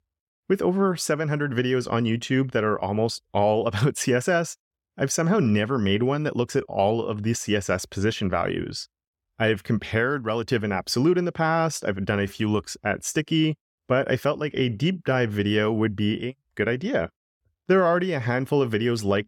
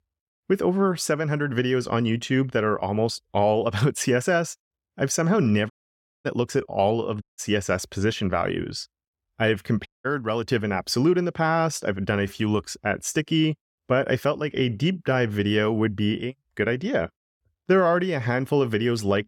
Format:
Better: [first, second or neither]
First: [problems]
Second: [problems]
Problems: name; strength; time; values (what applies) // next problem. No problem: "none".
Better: first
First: none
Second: audio cutting out; at 5.5 s for 0.5 s, at 7 s and at 10 s